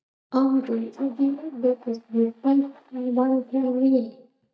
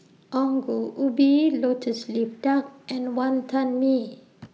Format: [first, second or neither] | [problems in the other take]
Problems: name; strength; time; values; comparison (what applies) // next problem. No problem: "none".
second | noise reduction (neural mask model DeepFilterNet 3)